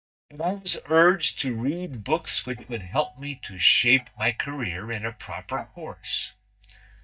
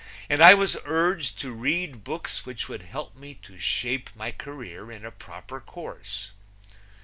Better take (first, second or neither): second